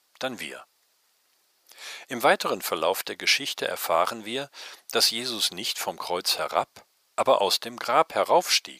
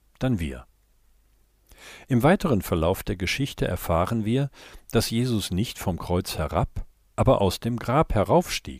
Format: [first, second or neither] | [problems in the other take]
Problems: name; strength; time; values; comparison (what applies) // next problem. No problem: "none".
second | thin; very; fading below 650 Hz